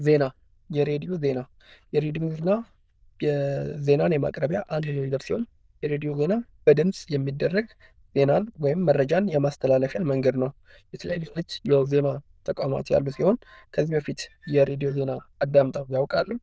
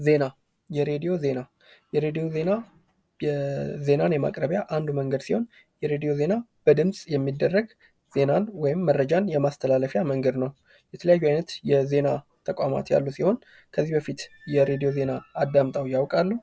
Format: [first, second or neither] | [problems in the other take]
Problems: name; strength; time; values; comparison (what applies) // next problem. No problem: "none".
second | noise reduction (neural diffusion model UNIVERSE++)